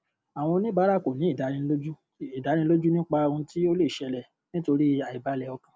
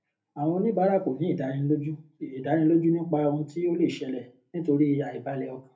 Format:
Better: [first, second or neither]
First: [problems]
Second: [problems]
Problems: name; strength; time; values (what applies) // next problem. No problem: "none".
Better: first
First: none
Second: room echo; dies away in 0.3 s